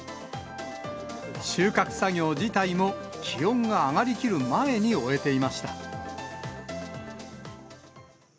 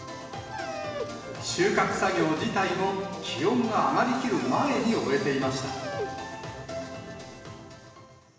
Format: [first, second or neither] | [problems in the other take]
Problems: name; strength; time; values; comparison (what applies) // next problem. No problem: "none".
first | background sound (Dog); 12 dB below the speech // room echo; dies away in 1.3 s